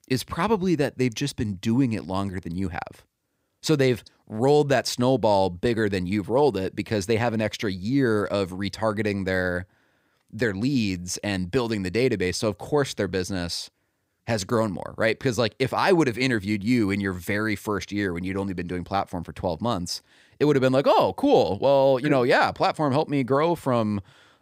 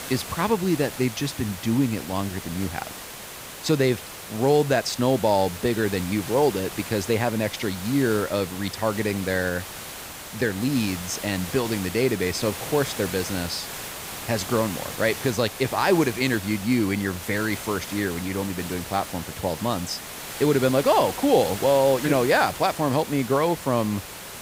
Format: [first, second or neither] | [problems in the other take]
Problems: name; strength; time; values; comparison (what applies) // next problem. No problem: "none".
first | hiss; loud; throughout; 10 dB below the speech